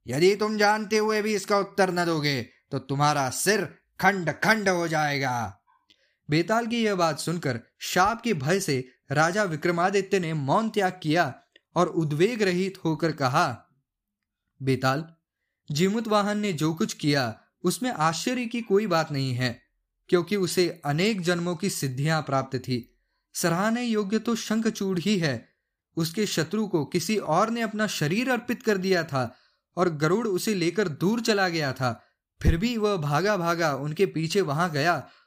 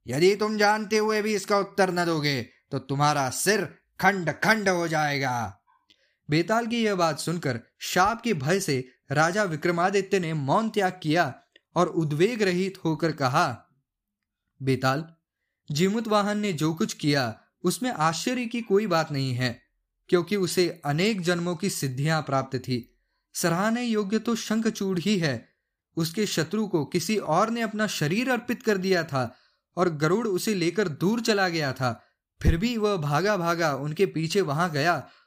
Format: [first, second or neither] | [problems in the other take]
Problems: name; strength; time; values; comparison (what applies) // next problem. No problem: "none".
neither | none